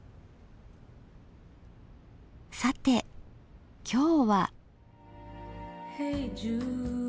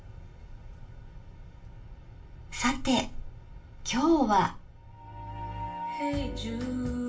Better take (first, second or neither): first